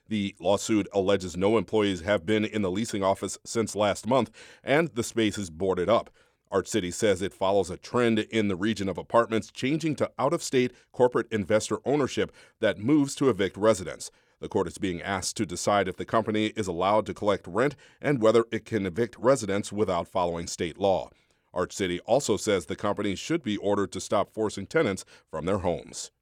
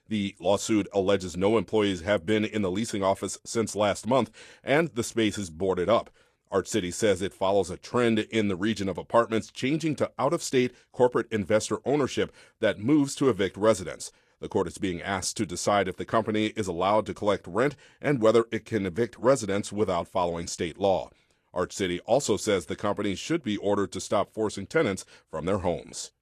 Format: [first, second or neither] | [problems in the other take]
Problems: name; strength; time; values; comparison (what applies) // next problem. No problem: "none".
first | garbled, watery; slightly